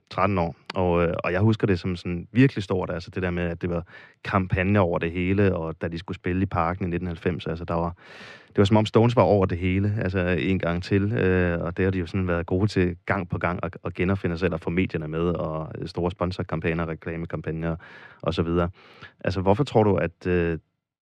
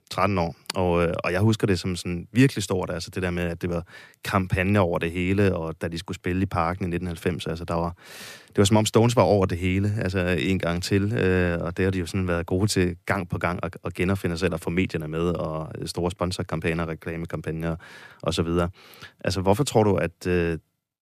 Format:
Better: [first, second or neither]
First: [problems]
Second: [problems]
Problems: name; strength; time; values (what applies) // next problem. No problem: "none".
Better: second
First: muffled; slightly; fading above 3 kHz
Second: none